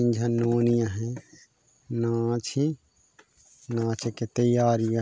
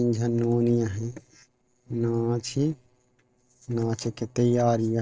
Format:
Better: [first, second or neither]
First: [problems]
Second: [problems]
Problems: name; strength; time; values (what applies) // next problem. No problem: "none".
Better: first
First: none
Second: noise reduction (neural separator model SepFormer DNS4)